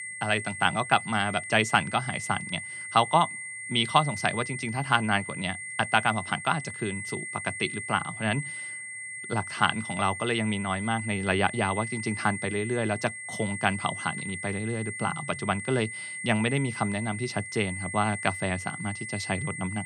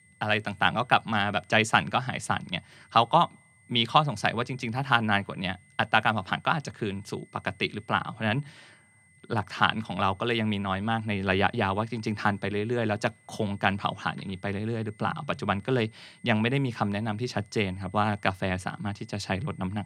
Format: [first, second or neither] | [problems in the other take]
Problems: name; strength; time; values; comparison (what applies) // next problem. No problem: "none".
second | high-pitched whine; loud; throughout; 2 kHz, 7 dB below the speech; faint in the second